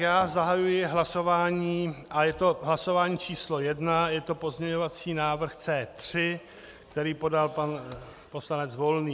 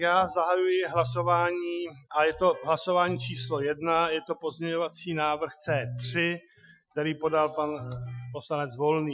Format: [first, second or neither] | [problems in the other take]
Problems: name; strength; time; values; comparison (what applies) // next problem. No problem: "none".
first | noise reduction (classical method Wiener filter)